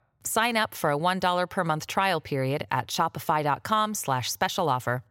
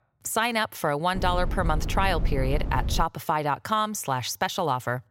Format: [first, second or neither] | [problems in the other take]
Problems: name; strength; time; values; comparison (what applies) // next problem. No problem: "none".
first | low rumble; noticeable; from 1 to 3 s; 15 dB below the speech